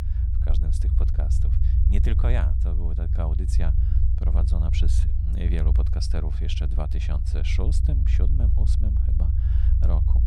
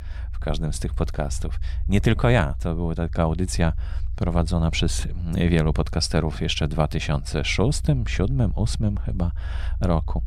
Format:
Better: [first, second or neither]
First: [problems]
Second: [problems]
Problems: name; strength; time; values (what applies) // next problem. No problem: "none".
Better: second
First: low rumble; loud; throughout; 3 dB below the speech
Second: low rumble; faint; throughout; 25 dB below the speech